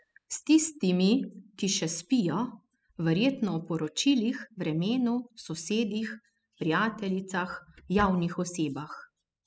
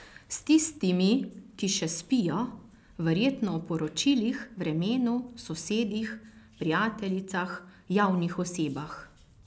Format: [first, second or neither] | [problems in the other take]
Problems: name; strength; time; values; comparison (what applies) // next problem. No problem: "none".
second | noise reduction (classical method spectral subtraction)